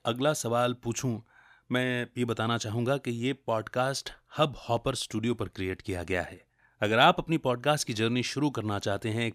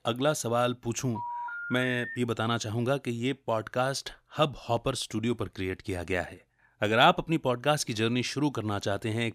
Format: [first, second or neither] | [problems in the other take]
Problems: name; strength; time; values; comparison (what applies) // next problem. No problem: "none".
first | phone ringing; noticeable; from 1 to 2 s; peak 7 dB below the speech